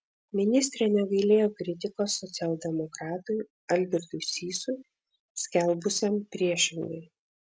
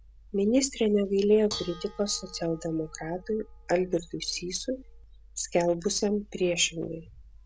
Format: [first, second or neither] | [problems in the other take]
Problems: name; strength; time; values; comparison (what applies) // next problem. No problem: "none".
first | background sound (Dishes, pots, and pans / Bell); 18 dB below the speech